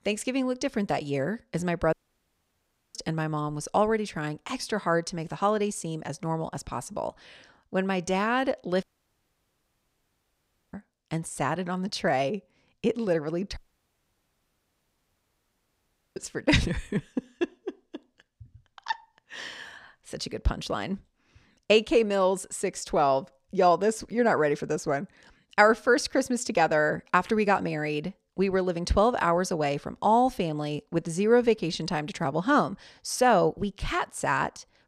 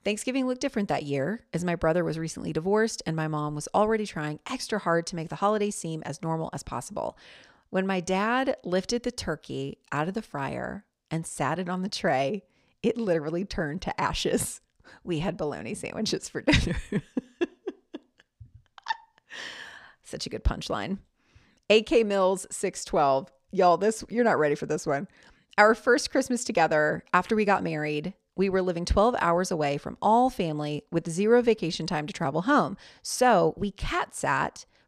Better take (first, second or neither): second